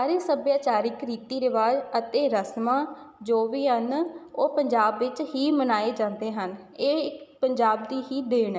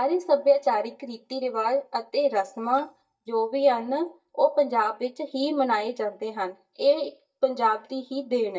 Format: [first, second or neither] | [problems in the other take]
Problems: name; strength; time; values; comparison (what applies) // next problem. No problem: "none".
first | noise reduction (neural mask model DeepFilterNet 3)